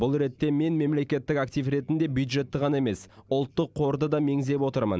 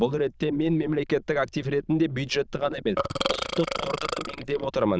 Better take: first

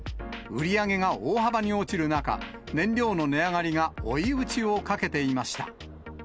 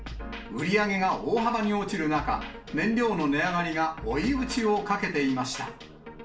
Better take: first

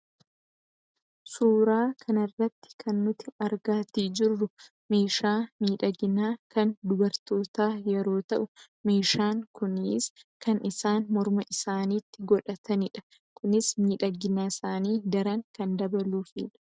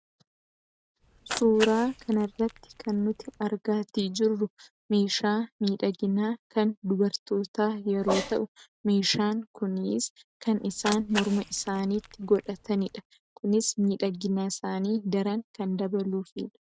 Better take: first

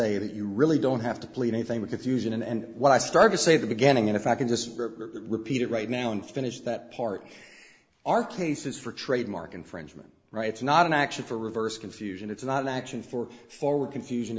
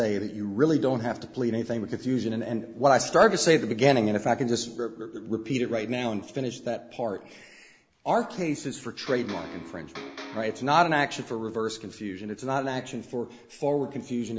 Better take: first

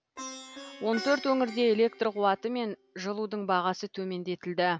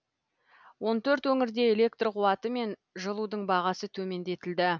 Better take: second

